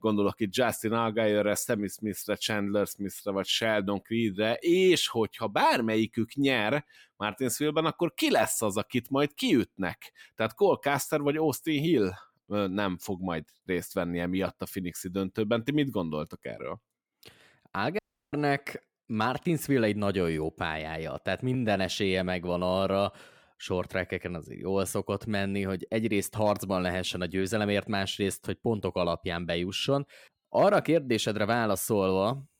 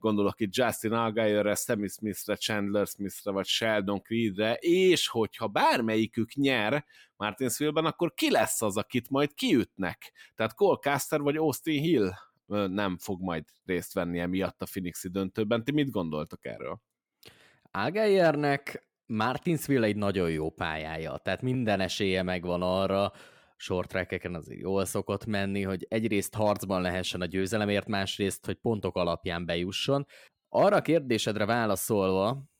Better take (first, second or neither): second